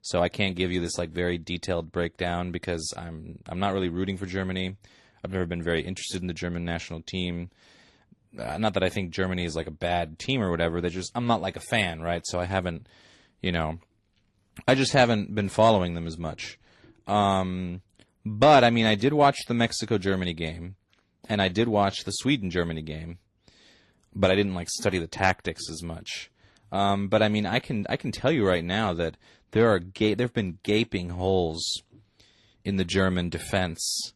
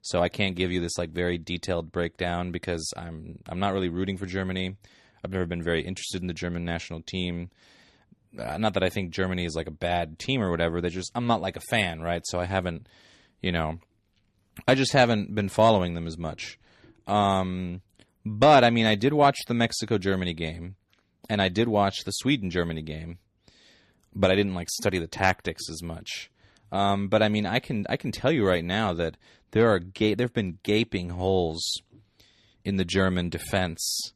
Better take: second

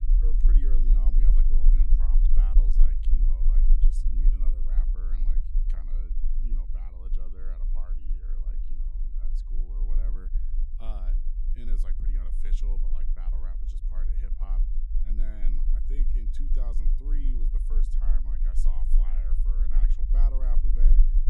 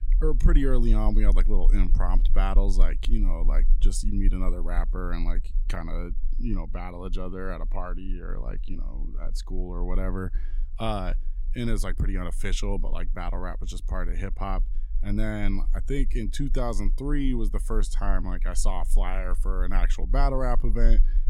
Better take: second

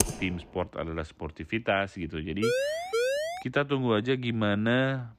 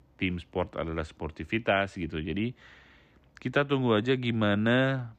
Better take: second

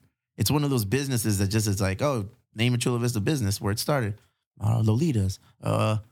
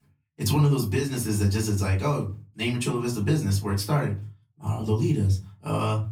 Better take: first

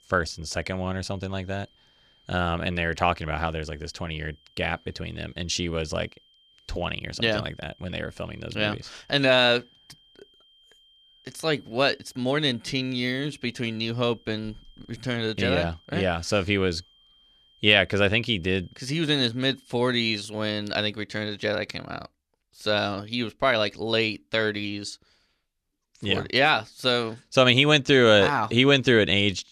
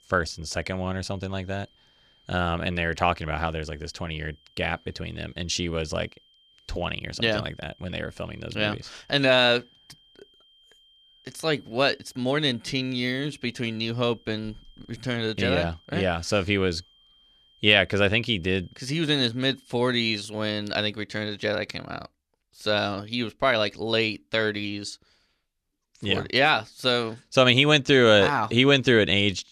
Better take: neither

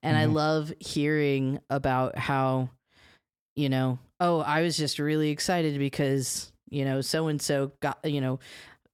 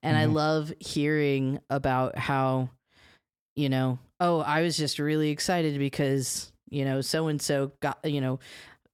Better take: neither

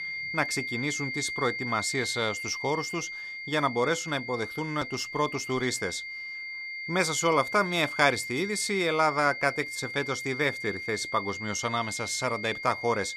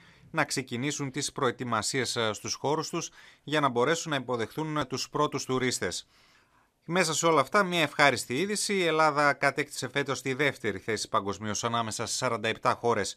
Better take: second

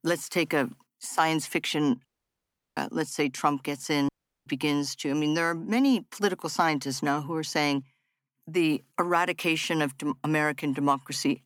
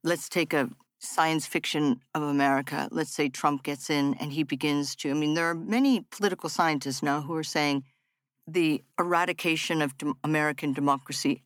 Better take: second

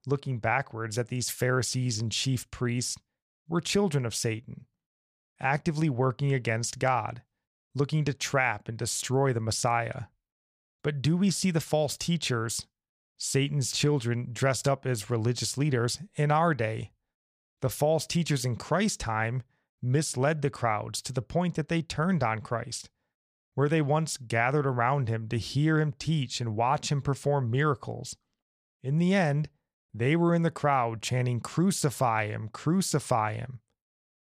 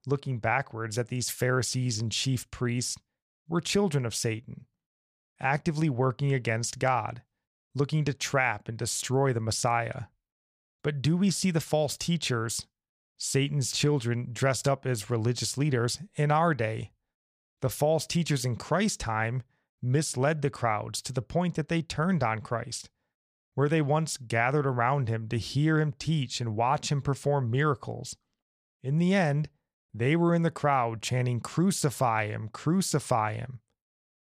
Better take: neither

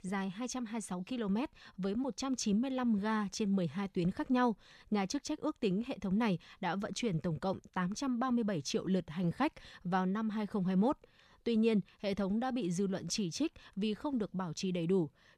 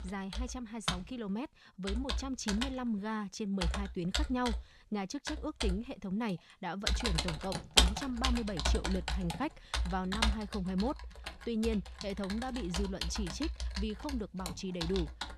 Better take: first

